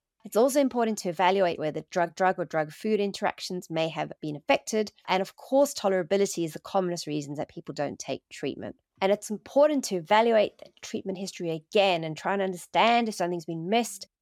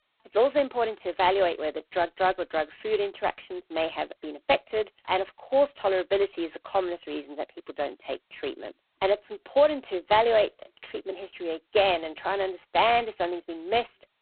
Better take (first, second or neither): first